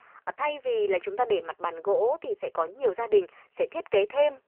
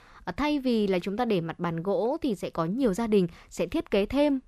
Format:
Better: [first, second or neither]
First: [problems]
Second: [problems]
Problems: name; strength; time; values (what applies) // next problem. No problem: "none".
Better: second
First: phone-call audio; poor line; nothing above 3 kHz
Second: none